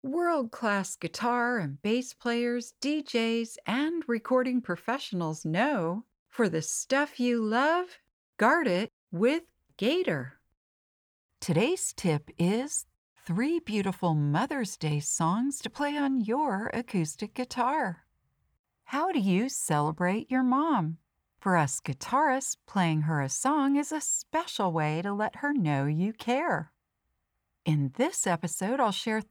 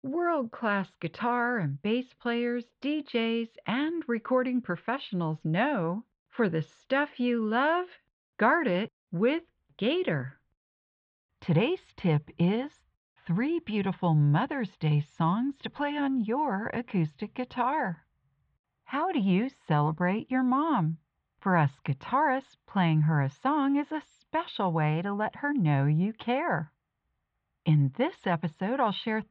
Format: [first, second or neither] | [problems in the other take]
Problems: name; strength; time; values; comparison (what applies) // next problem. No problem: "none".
first | muffled; very; fading above 3.5 kHz